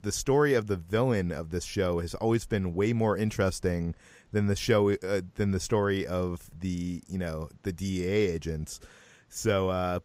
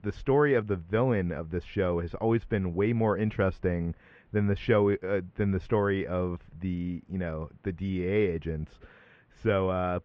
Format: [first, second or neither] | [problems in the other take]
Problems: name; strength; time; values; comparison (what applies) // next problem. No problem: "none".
first | muffled; very; fading above 3 kHz